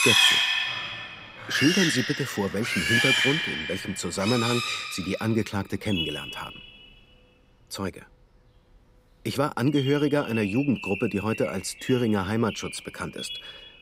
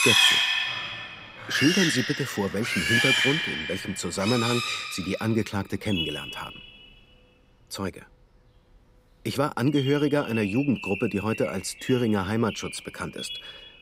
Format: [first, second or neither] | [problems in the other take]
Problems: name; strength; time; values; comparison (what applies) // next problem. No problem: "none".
neither | animal sounds; very loud; throughout; 1 dB above the speech; the same in both